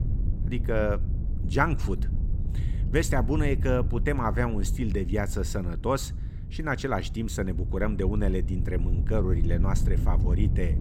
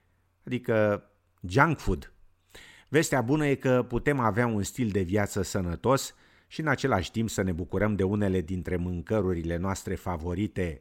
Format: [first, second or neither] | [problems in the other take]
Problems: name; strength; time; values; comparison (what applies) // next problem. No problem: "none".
second | wind noise on the microphone; occasional gusts; 15 dB below the speech